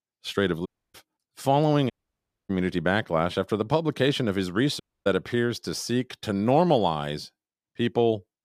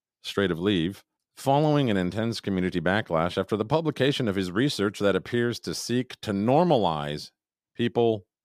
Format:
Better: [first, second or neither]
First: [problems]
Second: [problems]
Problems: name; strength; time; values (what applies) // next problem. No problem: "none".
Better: second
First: audio cutting out; at 0.5 s, at 2 s for 0.5 s and at 5 s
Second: none